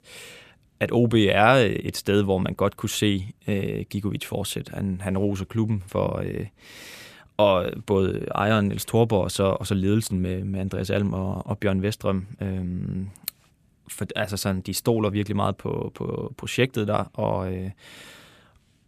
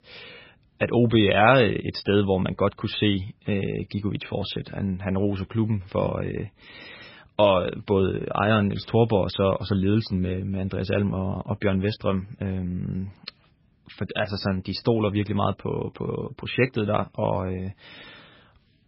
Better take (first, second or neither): first